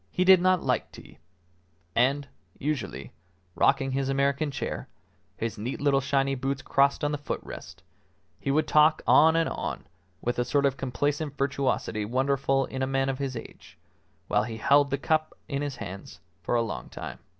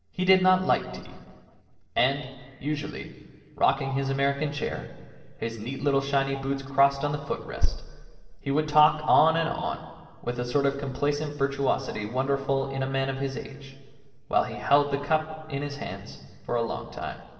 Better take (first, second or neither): first